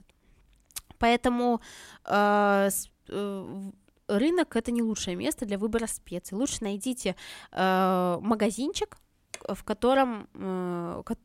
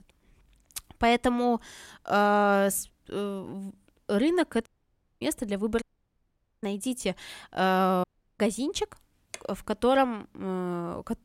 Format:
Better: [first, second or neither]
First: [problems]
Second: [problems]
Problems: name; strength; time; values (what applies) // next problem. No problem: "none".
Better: first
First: none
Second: audio cutting out; at 4.5 s for 0.5 s, at 6 s for 1 s and at 8 s